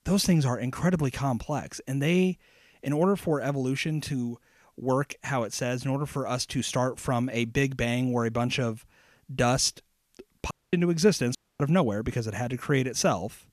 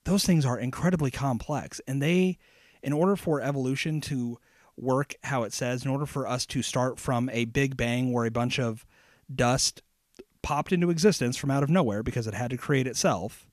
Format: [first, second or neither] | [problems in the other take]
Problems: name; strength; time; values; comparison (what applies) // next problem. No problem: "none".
second | audio cutting out; at 11 s